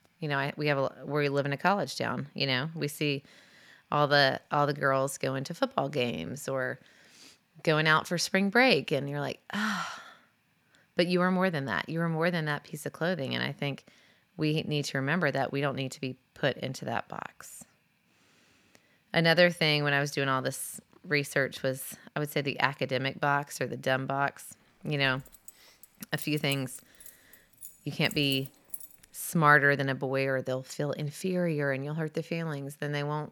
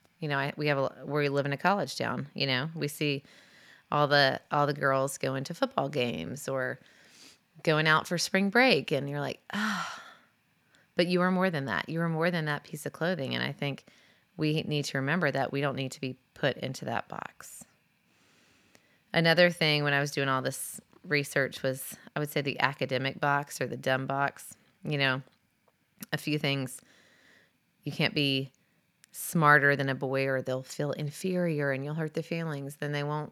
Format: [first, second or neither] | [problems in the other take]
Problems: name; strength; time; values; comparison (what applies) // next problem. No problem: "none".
second | jangling keys; faint; from 25 to 29 s; peak 10 dB below the speech